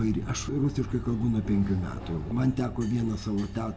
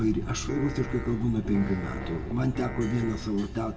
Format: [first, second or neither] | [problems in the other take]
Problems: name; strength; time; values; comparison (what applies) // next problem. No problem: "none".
first | background sound (Piano); 13 dB below the speech // room echo; dies away in 1.1 s